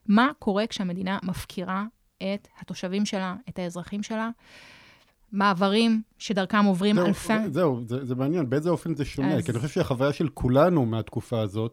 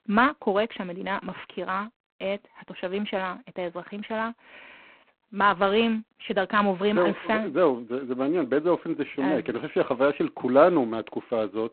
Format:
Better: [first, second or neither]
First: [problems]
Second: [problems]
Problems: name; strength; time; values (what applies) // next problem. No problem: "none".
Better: first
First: none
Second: phone-call audio; poor line